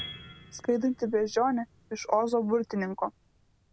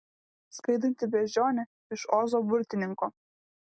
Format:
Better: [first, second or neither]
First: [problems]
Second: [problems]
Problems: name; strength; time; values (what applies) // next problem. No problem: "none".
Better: second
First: background sound (Piano); 20 dB below the speech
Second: none